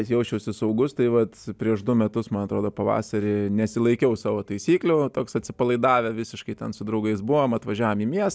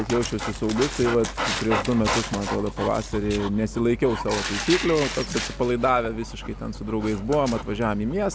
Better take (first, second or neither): first